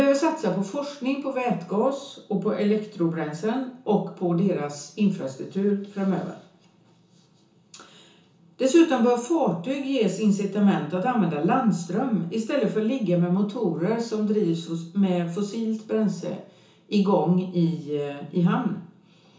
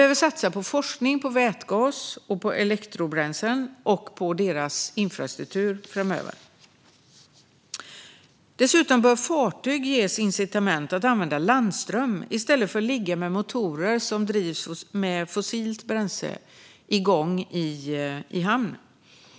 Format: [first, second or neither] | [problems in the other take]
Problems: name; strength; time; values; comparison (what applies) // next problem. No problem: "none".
second | room echo; dies away in 0.7 s